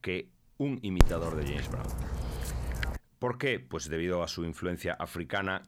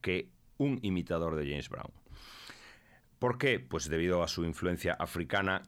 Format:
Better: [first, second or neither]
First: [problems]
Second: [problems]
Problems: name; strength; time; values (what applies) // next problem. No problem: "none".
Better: second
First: dog barking; loud; from 1 to 3 s; peak 6 dB above the speech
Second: none